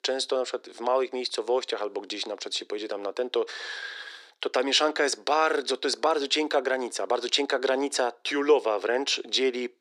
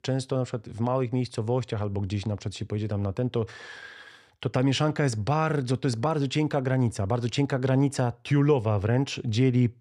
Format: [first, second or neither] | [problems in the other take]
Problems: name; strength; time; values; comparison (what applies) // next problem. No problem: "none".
second | thin; very; fading below 350 Hz